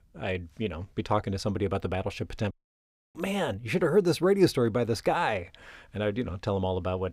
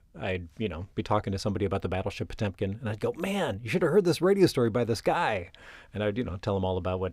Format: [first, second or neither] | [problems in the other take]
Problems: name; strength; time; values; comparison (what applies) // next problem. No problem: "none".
second | audio cutting out; at 2.5 s for 0.5 s